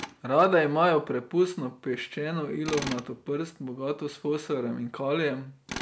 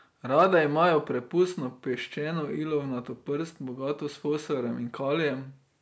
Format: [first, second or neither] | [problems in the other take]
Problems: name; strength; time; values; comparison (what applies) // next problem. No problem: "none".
second | background sound (Tools); 16 dB below the speech